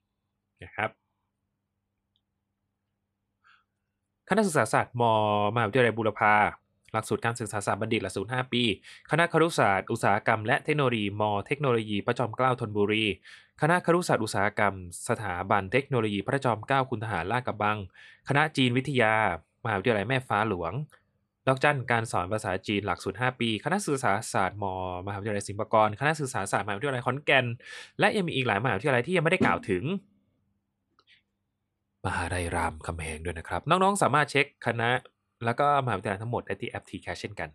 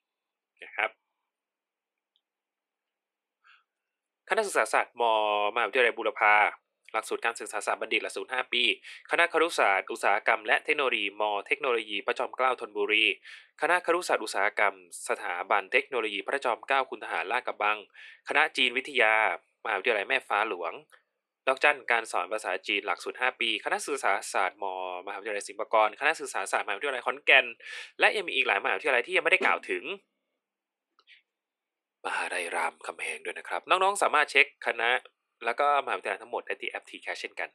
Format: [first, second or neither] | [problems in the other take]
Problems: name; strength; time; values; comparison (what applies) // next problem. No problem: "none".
first | thin; very; fading below 350 Hz